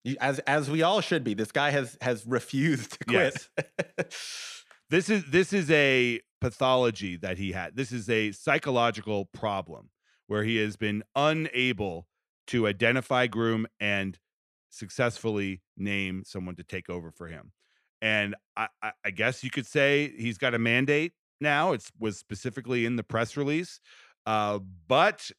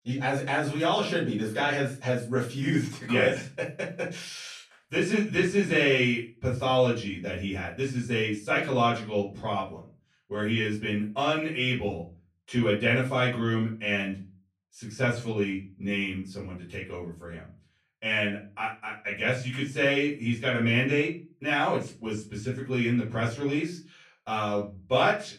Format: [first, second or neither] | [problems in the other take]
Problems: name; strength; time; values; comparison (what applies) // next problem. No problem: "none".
first | off-mic speech; far // room echo; slight; dies away in 0.3 s